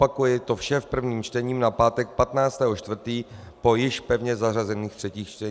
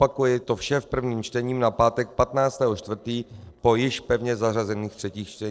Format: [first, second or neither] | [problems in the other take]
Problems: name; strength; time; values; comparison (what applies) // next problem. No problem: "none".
first | noise reduction (neural separator model SepFormer DNS4)